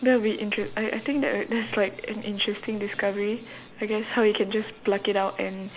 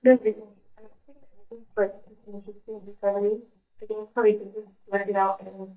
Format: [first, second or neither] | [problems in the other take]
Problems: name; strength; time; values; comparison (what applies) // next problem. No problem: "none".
first | noise reduction (neural mask model DeepFilterNet 3)